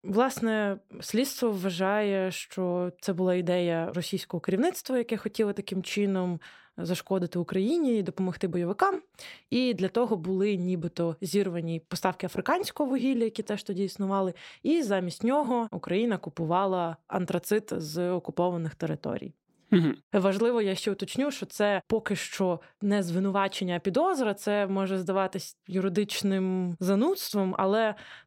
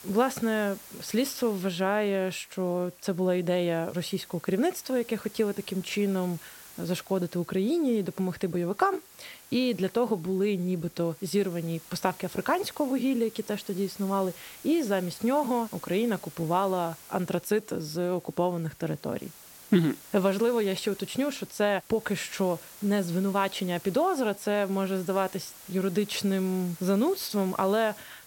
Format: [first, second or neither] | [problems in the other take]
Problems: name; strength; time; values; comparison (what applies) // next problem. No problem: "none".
first | hiss; noticeable; throughout; 20 dB below the speech